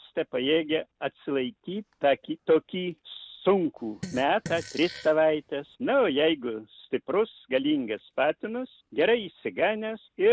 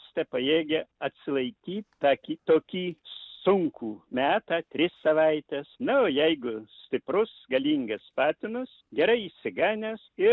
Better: second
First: background sound (Fart); 15 dB below the speech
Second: none

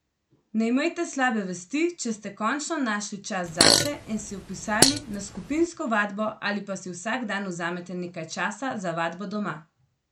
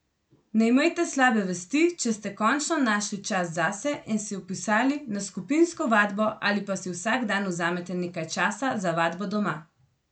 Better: second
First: background sound (Fart); 4 dB above the speech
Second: none

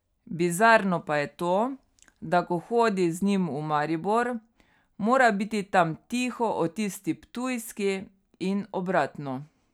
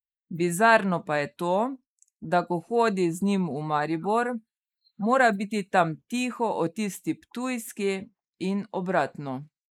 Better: first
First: none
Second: noise reduction (neural mask model Resemble Enhance denoiser)

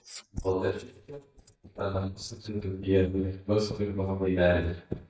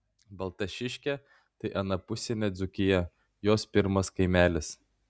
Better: second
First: noise reduction (neural mask model DeepFilterNet 3)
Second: none

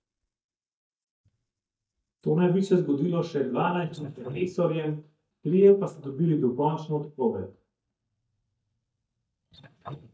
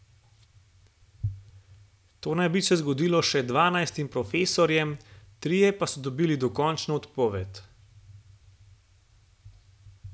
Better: second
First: noise reduction (neural mask model DeepFilterNet 3)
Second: none

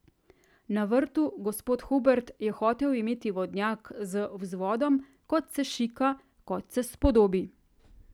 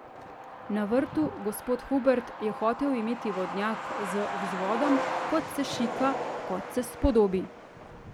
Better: first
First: none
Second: background sound (Truck); 6 dB below the speech

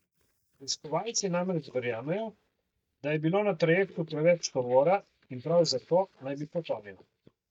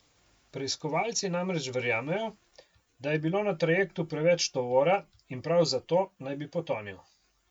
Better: second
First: noise reduction (neural mask model DeepFilterNet 3)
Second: none

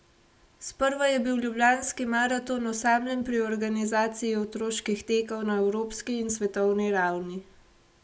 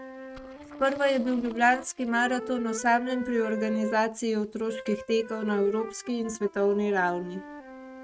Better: first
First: none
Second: noise reduction (neural mask model RNNoise)

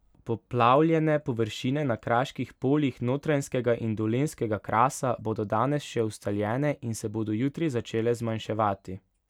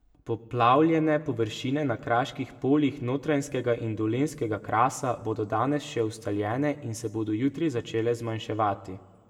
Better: first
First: none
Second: room echo; dies away in 0.9 s

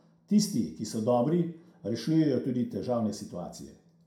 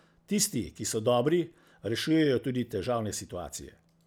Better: second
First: room echo; dies away in 0.4 s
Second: none

